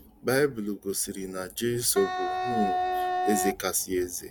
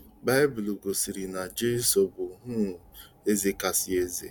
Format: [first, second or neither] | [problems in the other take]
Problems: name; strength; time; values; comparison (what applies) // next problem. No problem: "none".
second | background sound (Wind instrument, woodwind instrument); as loud as the speech